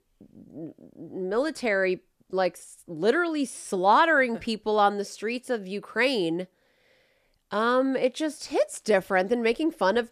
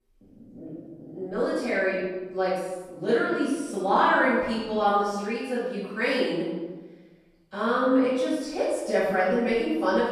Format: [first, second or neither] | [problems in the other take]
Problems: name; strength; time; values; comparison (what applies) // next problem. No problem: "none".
first | off-mic speech; far // room echo; strong; dies away in 1.2 s